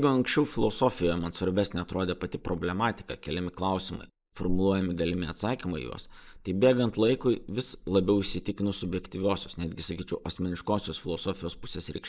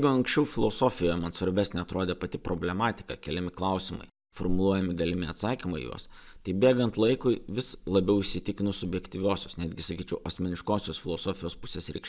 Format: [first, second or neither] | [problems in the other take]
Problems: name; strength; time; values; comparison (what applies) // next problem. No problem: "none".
second | noise reduction (neural mask model Resemble Enhance denoiser)